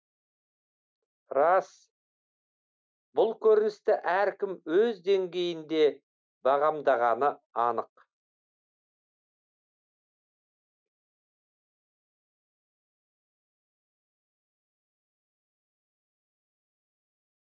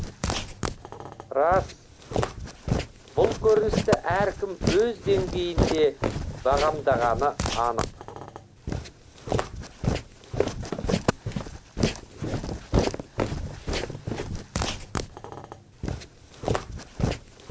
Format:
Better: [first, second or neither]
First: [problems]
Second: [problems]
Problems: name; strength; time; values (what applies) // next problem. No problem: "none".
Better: first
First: none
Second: background sound (Walk, footsteps); as loud as the speech